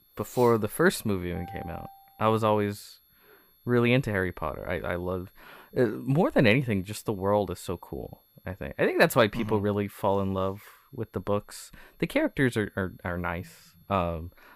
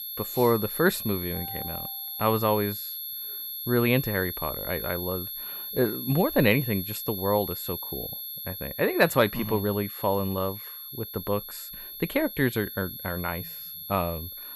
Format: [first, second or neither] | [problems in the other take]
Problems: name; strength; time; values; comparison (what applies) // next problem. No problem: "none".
first | high-pitched whine; loud; throughout; 11.5 kHz, 7 dB below the speech; faint in the first